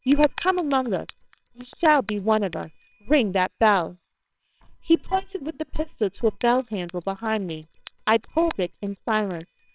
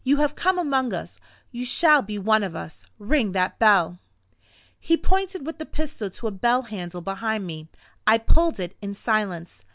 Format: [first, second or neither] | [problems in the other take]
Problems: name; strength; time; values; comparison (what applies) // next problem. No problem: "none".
second | noise reduction (neural separator model SepFormer WHAMR!)